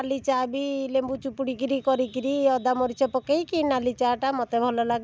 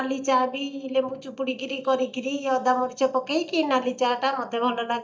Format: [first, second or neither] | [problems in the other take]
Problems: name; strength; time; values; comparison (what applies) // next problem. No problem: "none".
first | noise reduction (neural mask model DeepFilterNet 3)